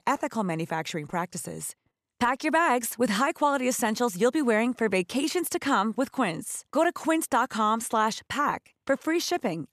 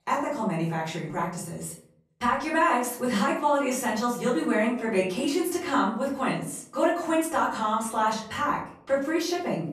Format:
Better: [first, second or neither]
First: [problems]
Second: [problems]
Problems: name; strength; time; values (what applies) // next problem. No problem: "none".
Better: first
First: none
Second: off-mic speech; far // room echo; slight; dies away in 0.5 s